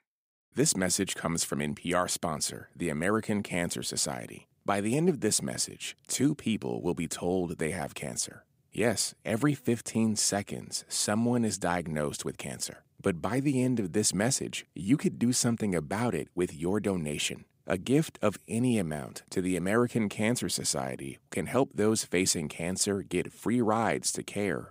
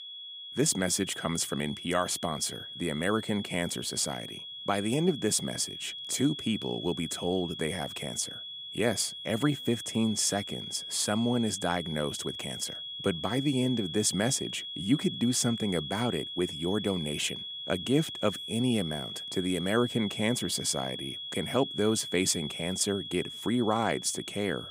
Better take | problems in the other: first | high-pitched whine; loud; throughout; 3.5 kHz, 7 dB below the speech

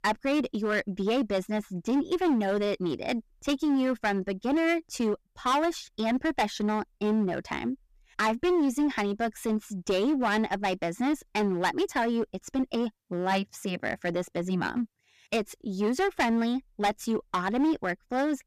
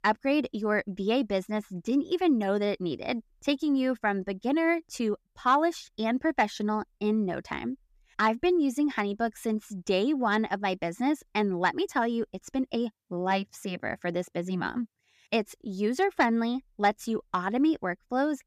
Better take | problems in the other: second | distortion; slight; 11% of the sound clipped

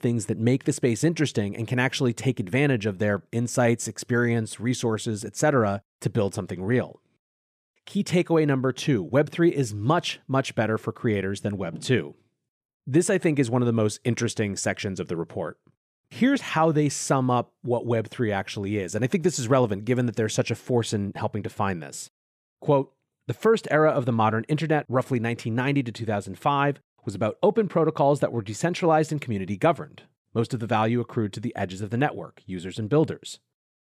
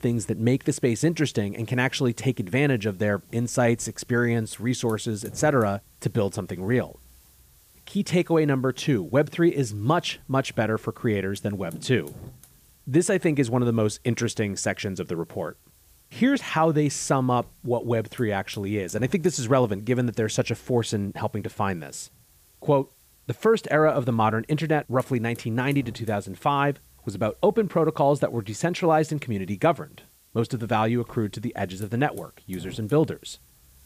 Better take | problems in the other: first | hiss; faint; throughout; 25 dB below the speech

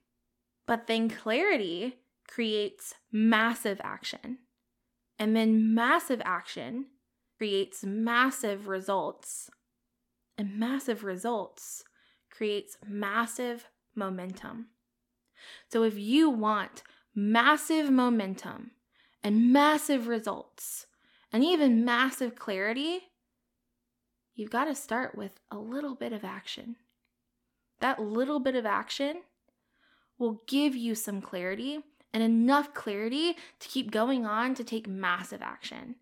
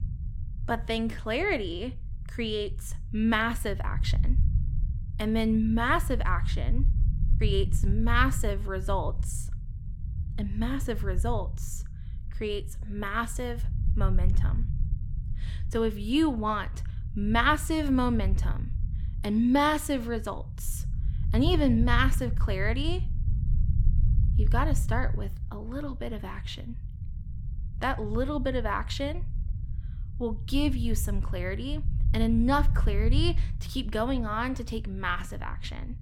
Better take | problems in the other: first | low rumble; noticeable; throughout; 20 dB below the speech

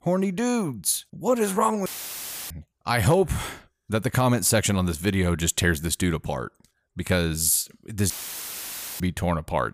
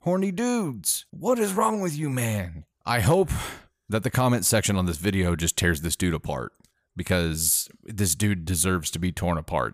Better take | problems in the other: second | audio cutting out; filled with static; at 2 s for 0.5 s and at 8 s for 1 s

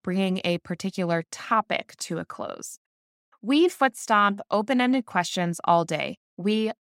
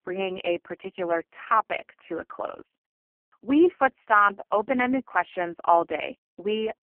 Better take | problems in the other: first | phone-call audio; poor line; nothing above 3 kHz

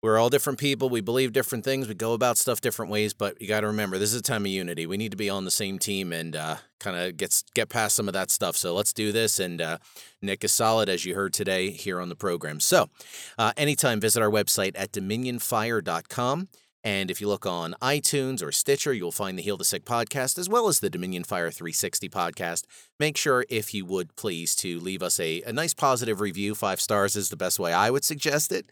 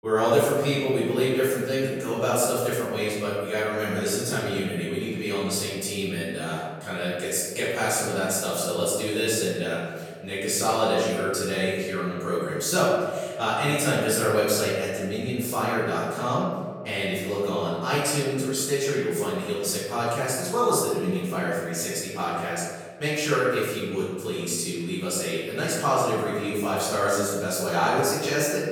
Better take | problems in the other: first | off-mic speech; far // room echo; strong; dies away in 1.5 s

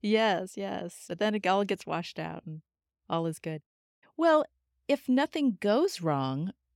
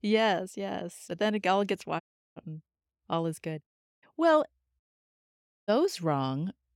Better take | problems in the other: first | audio cutting out; at 2 s and at 5 s for 1 s

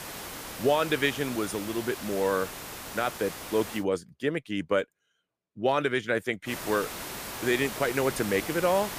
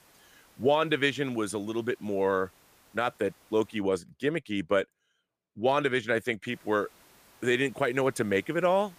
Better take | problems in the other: second | hiss; loud; until 4 s and from 6.5 s on; 8 dB below the speech; faint in the second

